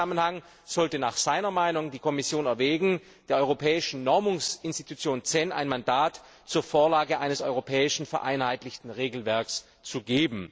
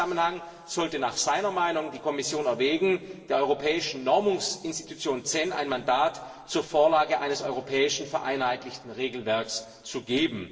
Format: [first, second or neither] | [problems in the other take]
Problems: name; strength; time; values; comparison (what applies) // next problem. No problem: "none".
first | room echo; dies away in 1.5 s